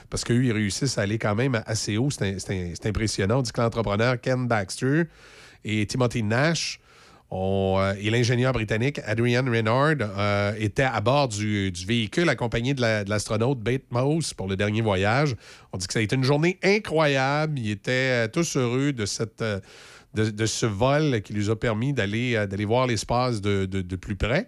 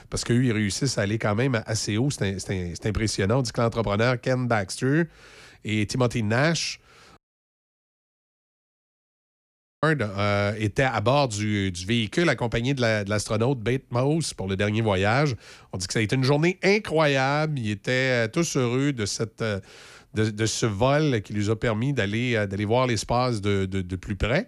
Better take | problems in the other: first | audio cutting out; at 7 s for 2.5 s

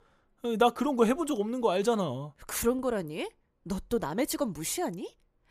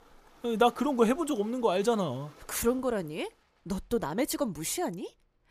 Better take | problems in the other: first | rain or running water; faint; throughout; 25 dB below the speech

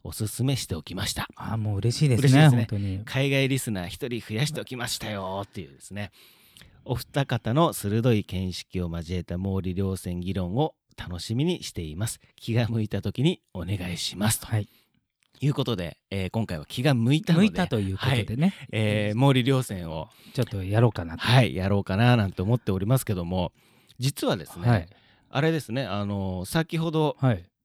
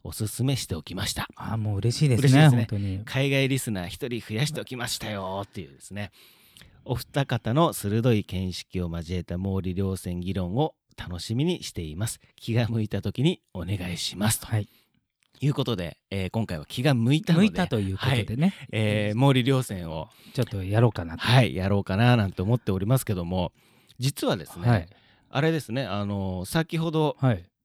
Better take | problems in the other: neither | none

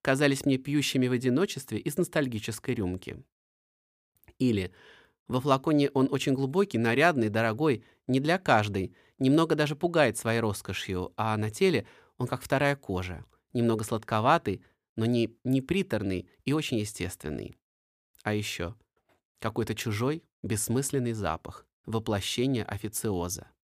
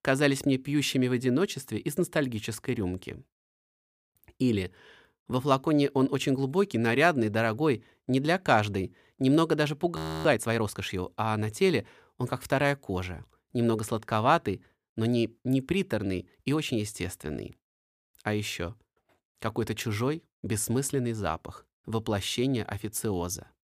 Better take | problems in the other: first | audio freezing; at 10 s

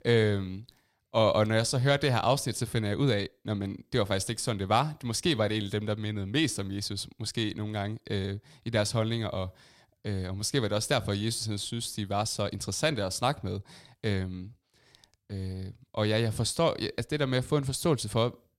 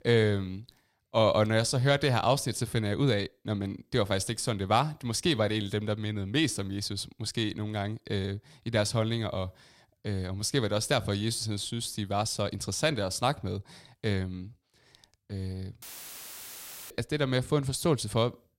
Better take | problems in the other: first | audio cutting out; filled with static; at 16 s for 1 s

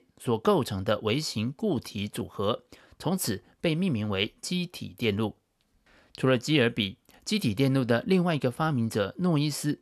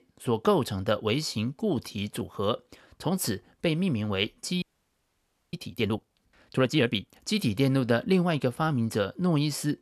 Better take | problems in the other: first | audio freezing; at 4.5 s for 1 s

